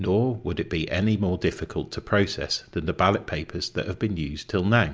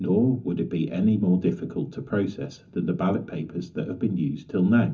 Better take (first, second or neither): first